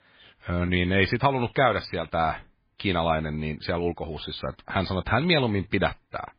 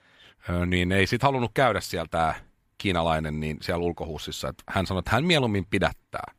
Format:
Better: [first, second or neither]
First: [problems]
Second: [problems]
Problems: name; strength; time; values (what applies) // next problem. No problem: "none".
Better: second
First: garbled, watery; badly; nothing above 4 kHz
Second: none